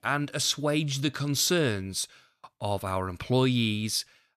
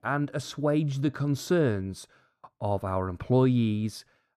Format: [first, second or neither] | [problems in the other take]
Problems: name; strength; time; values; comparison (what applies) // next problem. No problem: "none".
first | muffled; slightly; fading above 1.5 kHz